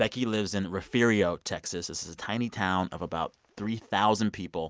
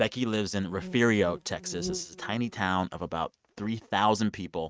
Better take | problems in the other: first | noise reduction (neural mask model RNNoise)

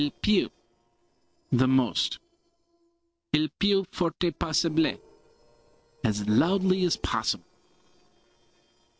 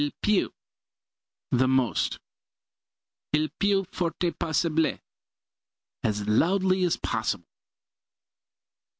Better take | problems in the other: second | noise reduction (neural separator model SepFormer DNS4)

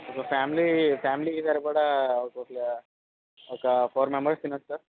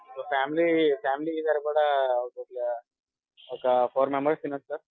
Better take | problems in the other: first | noise reduction (classical method Wiener filter)

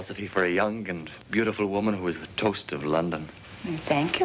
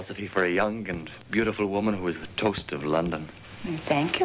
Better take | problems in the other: first | background sound (Raindrop / Drip); 17 dB below the speech

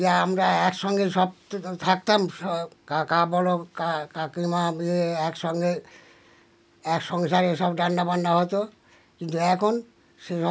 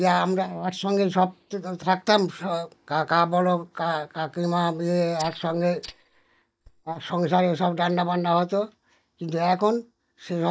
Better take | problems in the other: first | noise reduction (neural mask model DeepFilterNet 3)

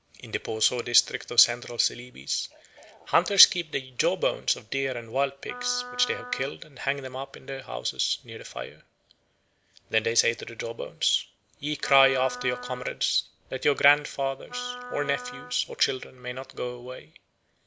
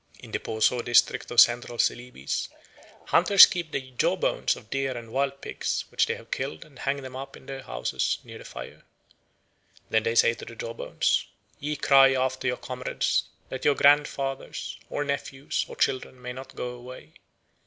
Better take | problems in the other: second | background sound (Wind instrument, woodwind instrument); 13 dB below the speech

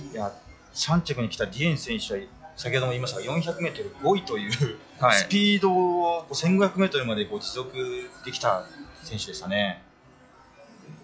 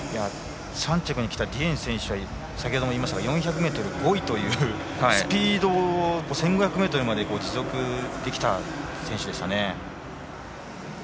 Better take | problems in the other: second | noise reduction (classical method log-MMSE)

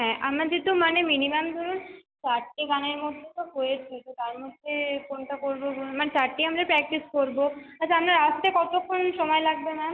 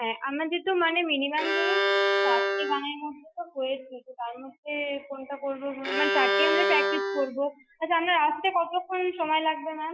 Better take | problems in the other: first | noise reduction (classical method Wiener filter)

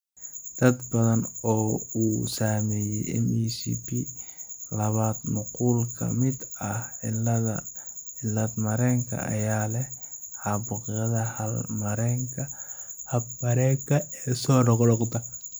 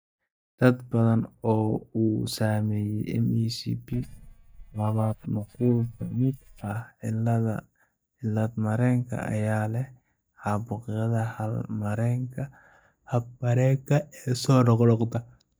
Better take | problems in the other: first | noise reduction (neural mask model DeepFilterNet 3)

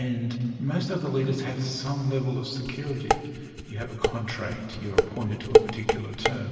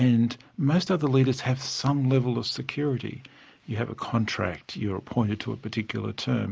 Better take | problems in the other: second | background sound (Dishes, pots, and pans); 3 dB above the speech // room echo; dies away in 2.6 s

